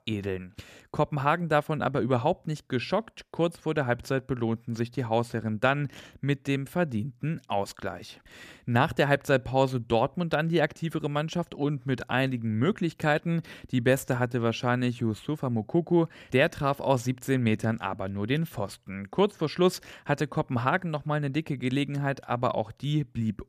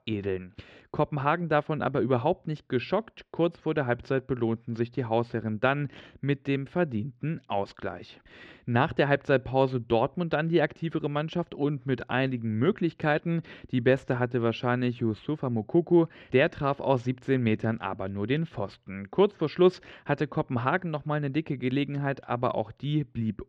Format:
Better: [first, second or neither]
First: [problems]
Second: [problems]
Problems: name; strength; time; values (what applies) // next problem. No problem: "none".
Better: first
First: none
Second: muffled; slightly; fading above 4 kHz